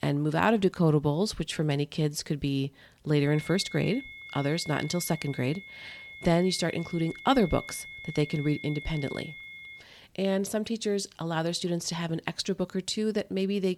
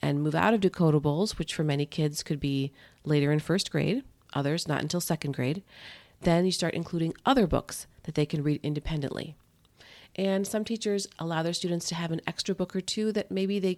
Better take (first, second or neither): second